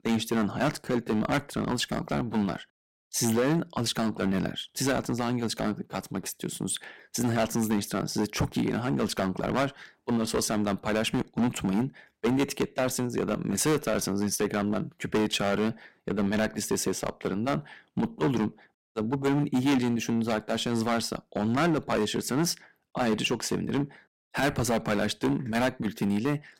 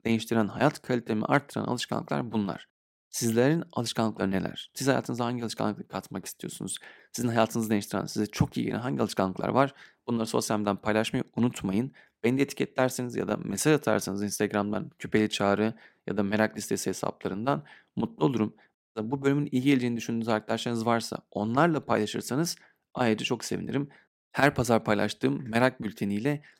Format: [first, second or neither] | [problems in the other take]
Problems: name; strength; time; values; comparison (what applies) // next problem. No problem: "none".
second | distortion; heavy; 8% of the sound clipped